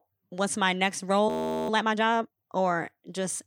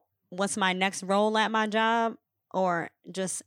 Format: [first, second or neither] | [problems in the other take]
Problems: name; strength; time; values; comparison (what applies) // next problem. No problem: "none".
second | audio freezing; at 1.5 s